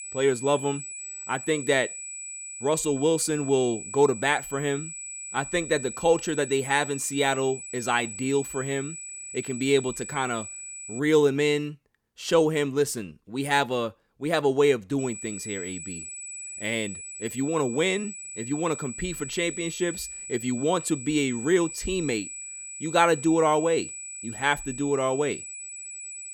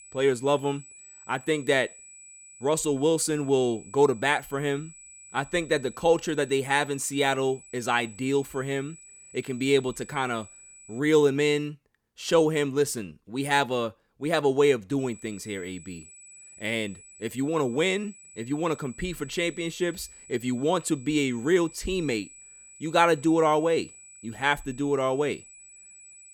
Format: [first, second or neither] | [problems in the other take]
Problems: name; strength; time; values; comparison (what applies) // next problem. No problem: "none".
second | high-pitched whine; loud; until 11 s and from 15 s on; 8 kHz, 10 dB below the speech; faint in the second